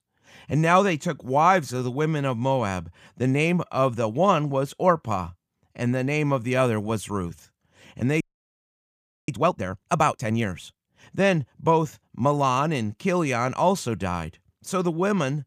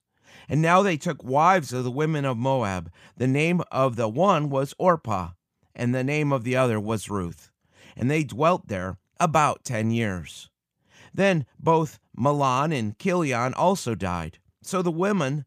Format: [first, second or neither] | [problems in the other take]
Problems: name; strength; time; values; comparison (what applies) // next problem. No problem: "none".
second | audio freezing; at 8 s for 1 s